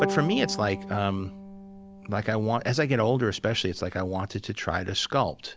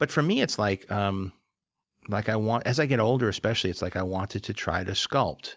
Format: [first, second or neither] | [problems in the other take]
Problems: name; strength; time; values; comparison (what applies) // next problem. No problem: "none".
second | background sound (Bowed string instrument); 11 dB below the speech